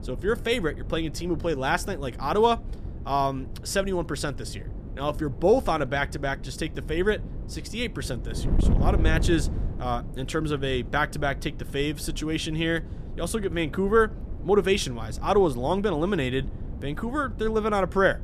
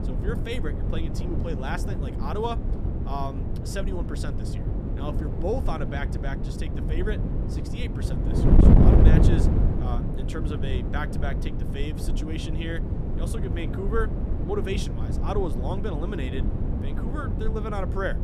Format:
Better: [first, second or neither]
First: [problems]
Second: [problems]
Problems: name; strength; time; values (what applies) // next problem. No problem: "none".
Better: first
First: wind noise on the microphone; occasional gusts; 20 dB below the speech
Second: wind noise on the microphone; heavy; 1 dB below the speech